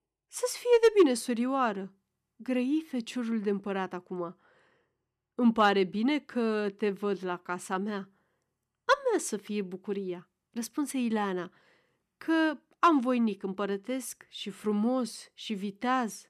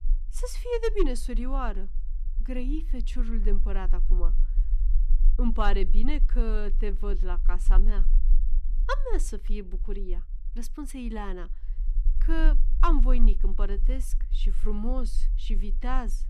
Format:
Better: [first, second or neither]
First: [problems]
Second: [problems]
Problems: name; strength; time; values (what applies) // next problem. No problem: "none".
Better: first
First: none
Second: low rumble; faint; throughout; 20 dB below the speech